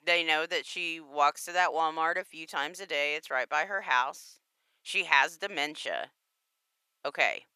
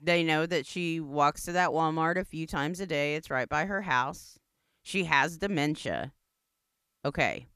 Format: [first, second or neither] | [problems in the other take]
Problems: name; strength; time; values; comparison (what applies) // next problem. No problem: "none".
second | thin; very; fading below 650 Hz